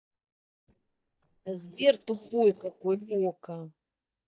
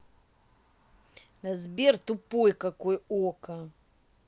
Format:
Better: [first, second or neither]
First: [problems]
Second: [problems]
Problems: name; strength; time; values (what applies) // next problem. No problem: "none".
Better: second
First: noise reduction (neural mask model DeepFilterNet 3)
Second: none